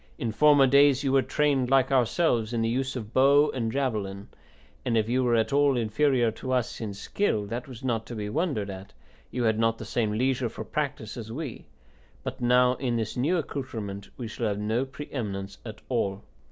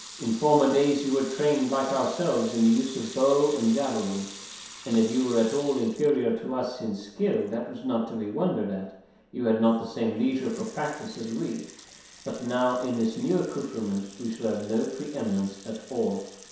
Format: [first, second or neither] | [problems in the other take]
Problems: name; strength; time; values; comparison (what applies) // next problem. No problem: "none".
first | background sound (Sink (filling or washing) / Water tap, faucet / Liquid); 19 dB below the speech // room echo; dies away in 0.7 s